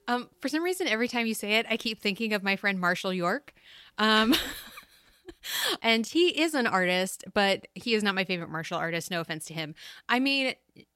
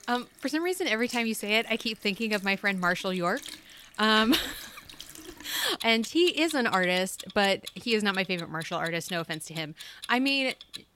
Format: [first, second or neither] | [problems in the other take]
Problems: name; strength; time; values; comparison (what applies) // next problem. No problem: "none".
first | household noises; noticeable; throughout; 15 dB below the speech